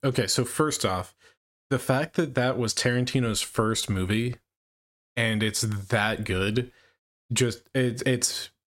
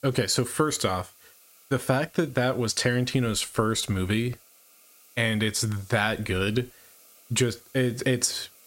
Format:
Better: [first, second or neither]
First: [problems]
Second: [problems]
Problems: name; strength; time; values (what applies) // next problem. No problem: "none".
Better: first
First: none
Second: hiss; faint; throughout; 25 dB below the speech